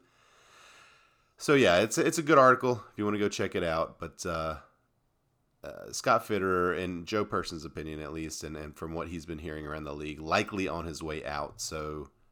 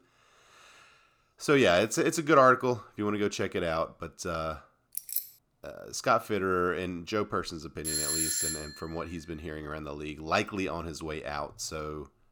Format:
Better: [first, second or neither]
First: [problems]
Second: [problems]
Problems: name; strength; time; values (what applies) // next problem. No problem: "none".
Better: first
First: none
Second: jangling keys; noticeable; at 5 s; peak 3 dB below the speech // doorbell; loud; at 8 s; peak 3 dB above the speech